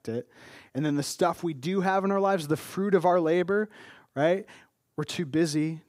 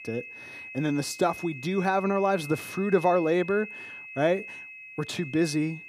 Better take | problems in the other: first | high-pitched whine; noticeable; throughout; 2.5 kHz, 10 dB below the speech

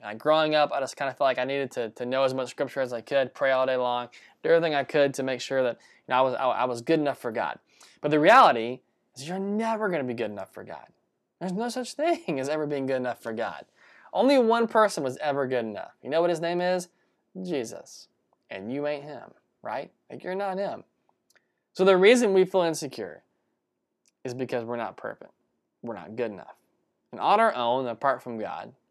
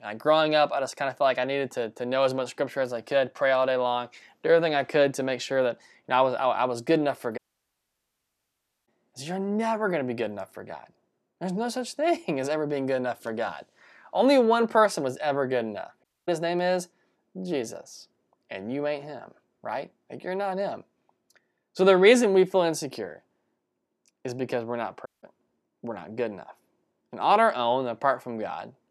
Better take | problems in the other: first | audio cutting out; at 7.5 s for 1.5 s, at 16 s and at 25 s

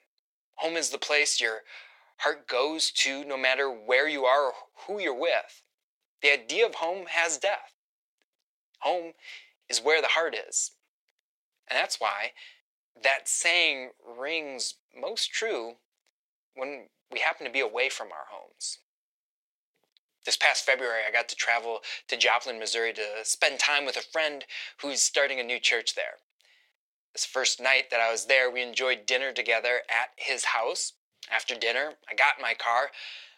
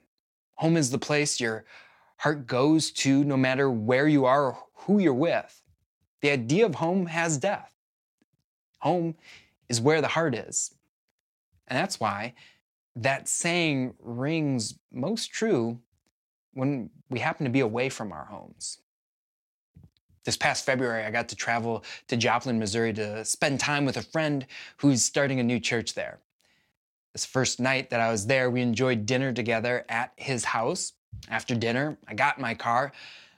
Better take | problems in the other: second | thin; very; fading below 500 Hz

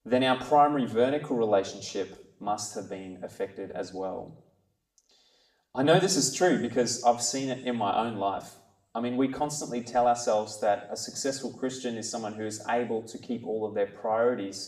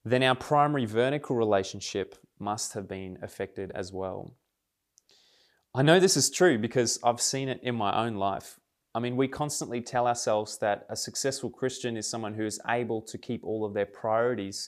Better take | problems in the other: second | room echo; slight; dies away in 0.5 s // off-mic speech; somewhat distant

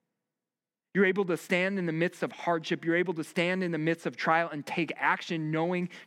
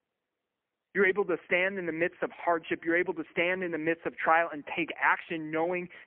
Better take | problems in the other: first | phone-call audio; poor line; nothing above 3 kHz

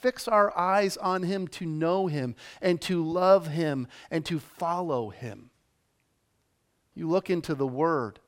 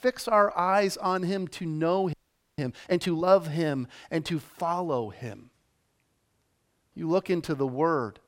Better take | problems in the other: first | audio freezing; at 2 s

